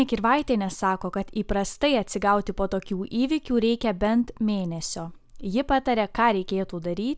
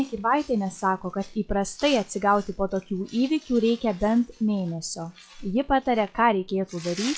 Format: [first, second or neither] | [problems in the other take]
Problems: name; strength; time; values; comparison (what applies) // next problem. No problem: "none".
first | noise reduction (classical method log-MMSE)